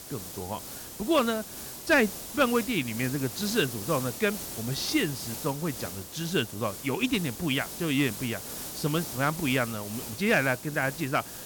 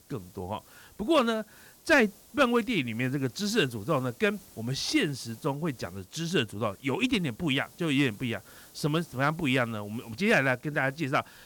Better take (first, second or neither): second